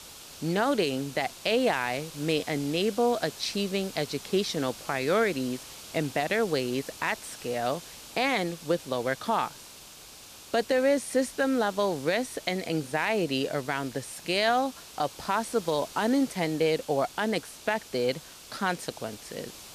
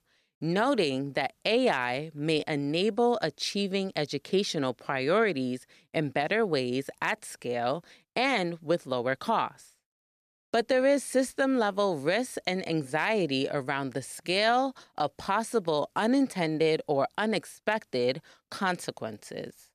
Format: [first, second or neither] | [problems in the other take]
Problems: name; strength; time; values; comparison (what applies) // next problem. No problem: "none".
second | hiss; noticeable; throughout; 15 dB below the speech